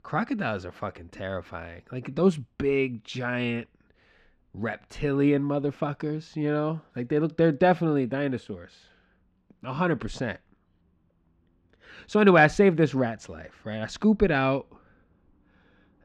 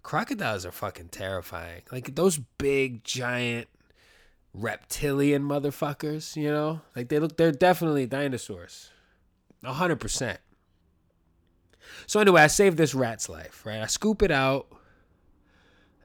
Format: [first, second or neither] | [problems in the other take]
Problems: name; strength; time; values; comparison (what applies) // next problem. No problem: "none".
second | muffled; slightly; fading above 3 kHz